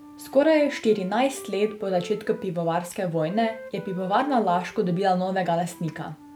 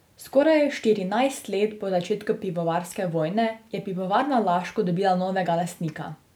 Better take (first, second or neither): second